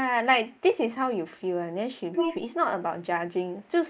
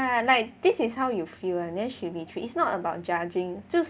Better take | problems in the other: second | noise reduction (neural mask model Resemble Enhance denoiser)

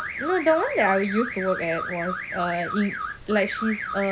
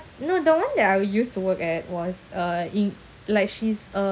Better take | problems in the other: second | background sound (Alarm / Car); 6 dB below the speech

